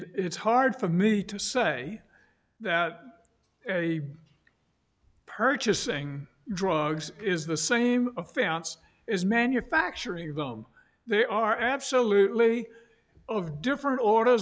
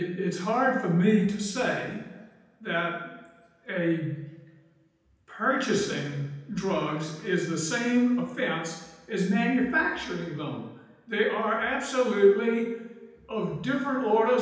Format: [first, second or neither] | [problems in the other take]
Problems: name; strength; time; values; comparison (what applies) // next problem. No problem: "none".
first | room echo; dies away in 0.9 s